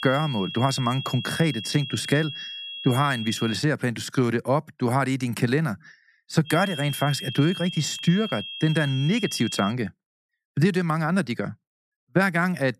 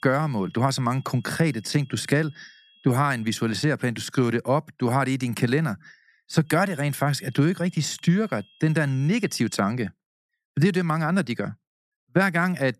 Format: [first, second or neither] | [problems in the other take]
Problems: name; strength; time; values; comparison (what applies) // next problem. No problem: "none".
second | high-pitched whine; loud; until 3.5 s and from 6.5 to 9.5 s; 3.5 kHz, 9 dB below the speech; faint in the second